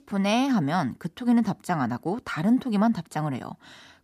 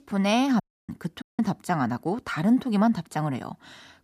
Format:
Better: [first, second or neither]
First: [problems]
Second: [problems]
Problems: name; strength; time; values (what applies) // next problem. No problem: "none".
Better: first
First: none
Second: audio cutting out; at 0.5 s and at 1 s